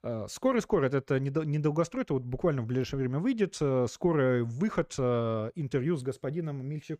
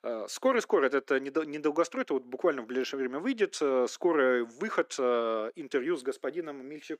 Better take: first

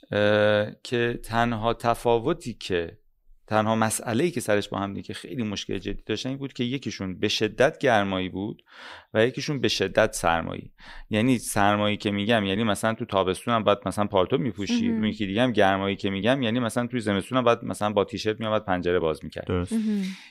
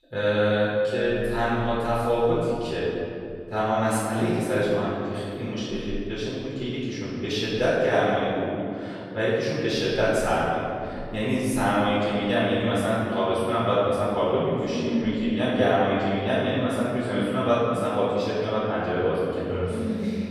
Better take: first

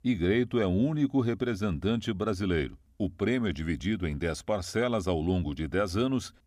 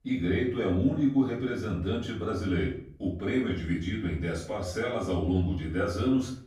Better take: first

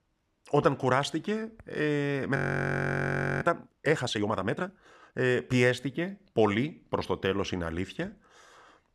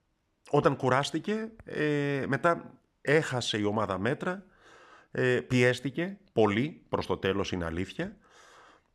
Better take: second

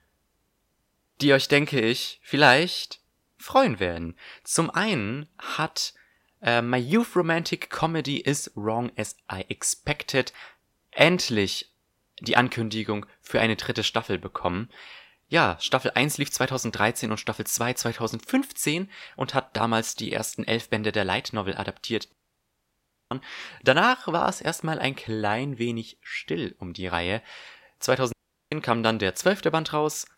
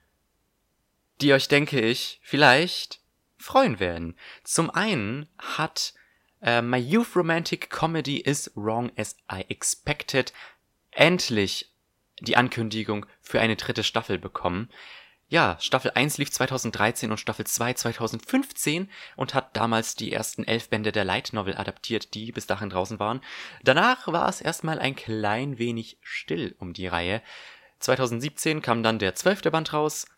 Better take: second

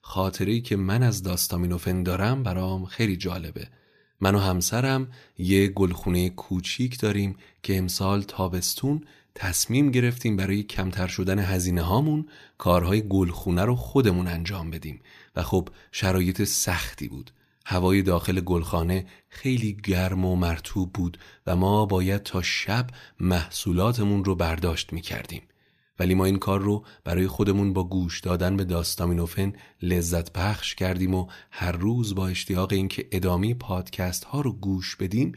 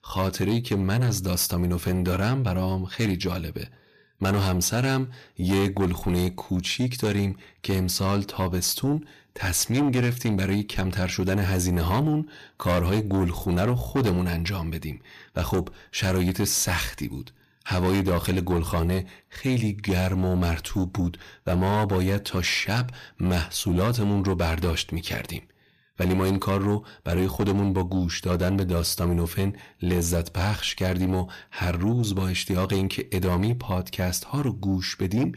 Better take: first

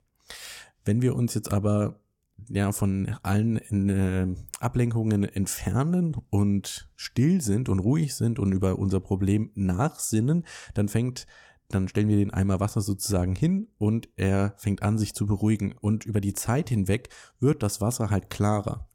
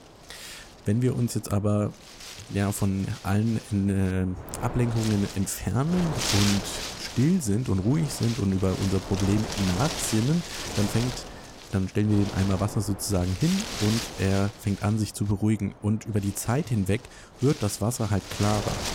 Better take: first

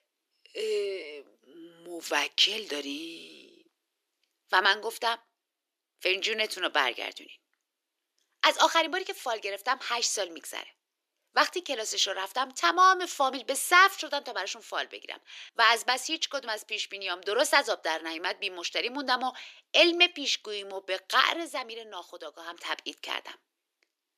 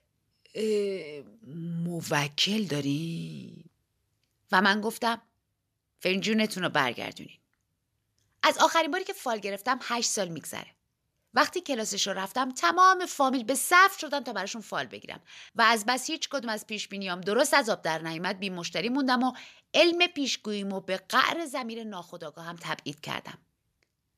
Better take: second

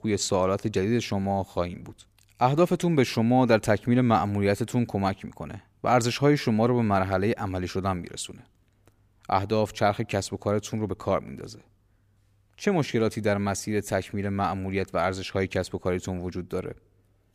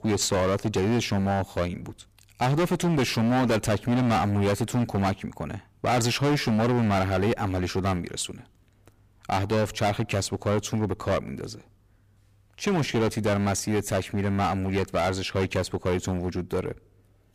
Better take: first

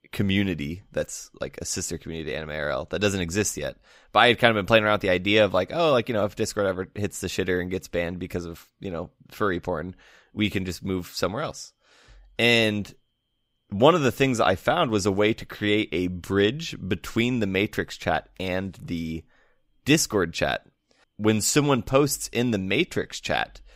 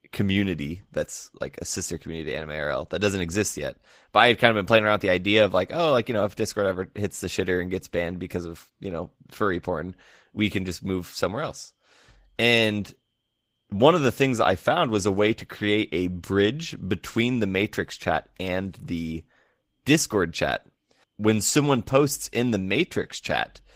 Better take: first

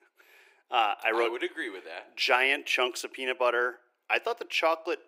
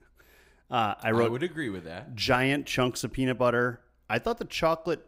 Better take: second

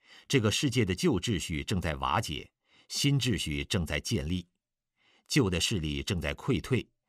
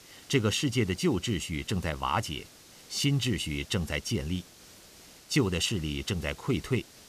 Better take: first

